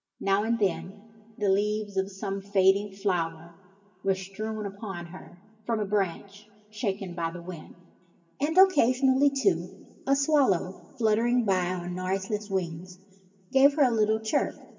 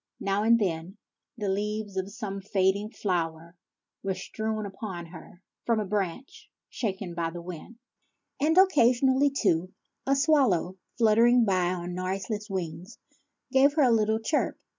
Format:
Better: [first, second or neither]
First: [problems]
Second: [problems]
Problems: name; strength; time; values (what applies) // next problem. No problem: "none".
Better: second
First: room echo; dies away in 1.8 s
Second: none